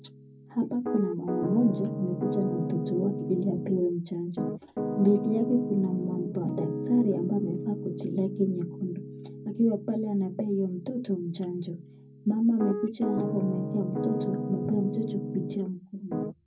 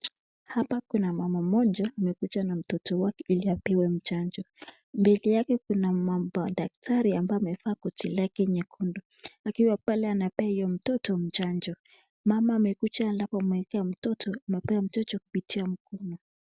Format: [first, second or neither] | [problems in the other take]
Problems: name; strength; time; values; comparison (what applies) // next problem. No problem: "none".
second | background sound (Piano); 5 dB below the speech // room echo; dies away in 0.4 s